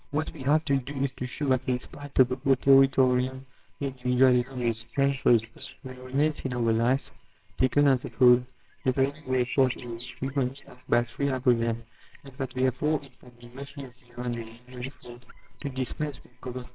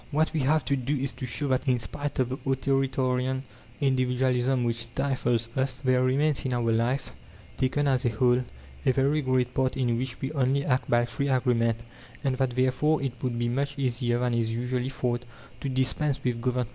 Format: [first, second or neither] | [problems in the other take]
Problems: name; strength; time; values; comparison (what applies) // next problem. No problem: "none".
second | noise reduction (neural separator model SepFormer WHAMR!)